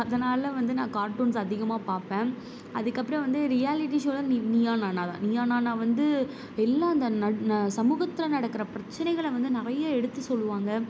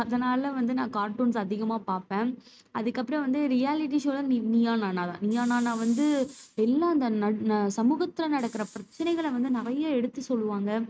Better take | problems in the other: first | noise reduction (neural mask model RNNoise)

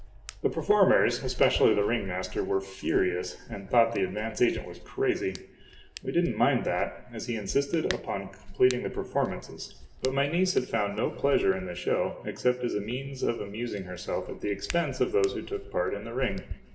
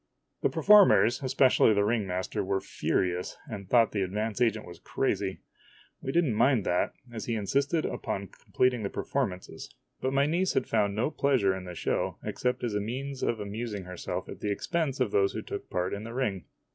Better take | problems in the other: second | background sound (Hands); 15 dB below the speech // room echo; dies away in 0.7 s

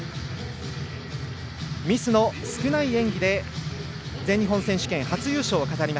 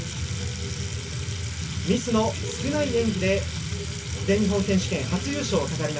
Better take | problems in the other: first | background sound (Sink (filling or washing) / Water tap, faucet); 12 dB below the speech // room echo; dies away in 0.2 s

